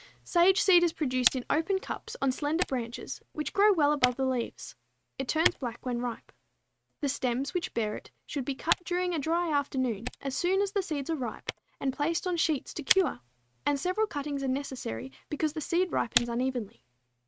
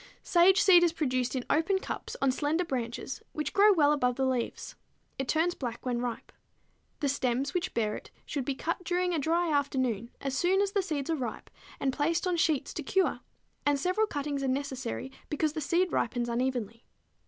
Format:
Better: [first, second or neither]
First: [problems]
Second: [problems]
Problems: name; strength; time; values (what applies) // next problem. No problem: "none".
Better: second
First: noise reduction (neural mask model RNNoise)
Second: none